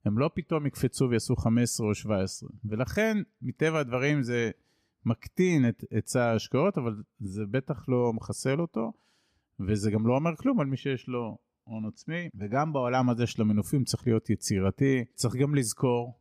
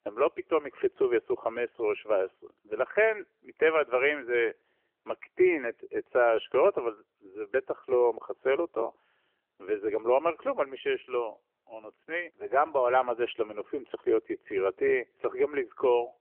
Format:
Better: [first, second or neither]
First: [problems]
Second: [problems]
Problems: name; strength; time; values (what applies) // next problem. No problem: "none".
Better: first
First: none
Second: phone-call audio; nothing above 3 kHz